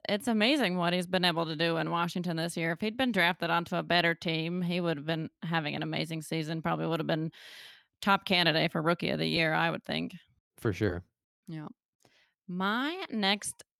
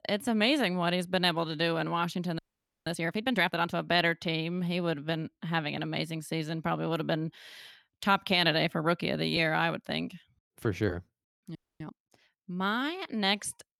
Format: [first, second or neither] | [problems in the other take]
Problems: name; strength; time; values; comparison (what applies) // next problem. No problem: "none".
first | audio freezing; at 2.5 s and at 12 s